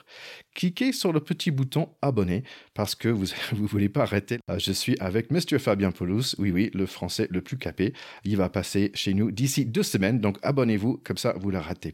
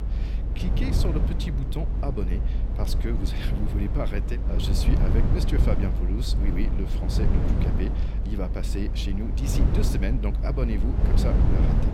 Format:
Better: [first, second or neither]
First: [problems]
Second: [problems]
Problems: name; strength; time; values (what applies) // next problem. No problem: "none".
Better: first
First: none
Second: low rumble; loud; throughout; 2 dB below the speech